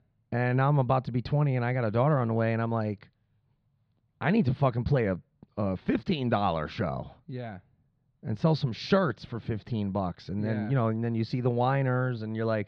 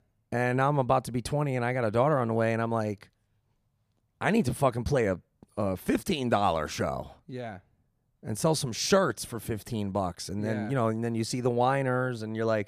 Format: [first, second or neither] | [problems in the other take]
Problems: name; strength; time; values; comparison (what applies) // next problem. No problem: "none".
second | muffled; very slightly; fading above 4 kHz